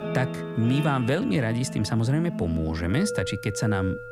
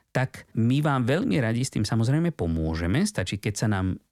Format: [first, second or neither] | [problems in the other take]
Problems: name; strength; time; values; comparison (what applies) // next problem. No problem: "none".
second | background music; loud; throughout; 8 dB below the speech